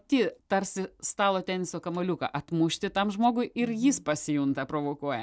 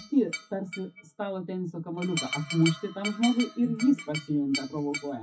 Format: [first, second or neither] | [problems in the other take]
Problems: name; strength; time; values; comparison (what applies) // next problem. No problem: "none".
first | noise reduction (classical method WPE with log-MMSE)